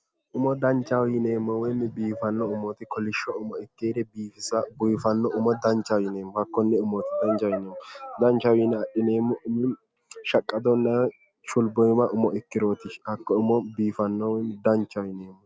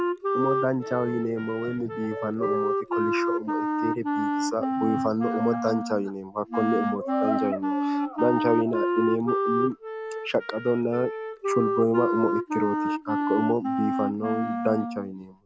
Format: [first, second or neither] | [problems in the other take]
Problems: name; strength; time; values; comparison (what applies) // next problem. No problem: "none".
first | background sound (Wind instrument, woodwind instrument); as loud as the speech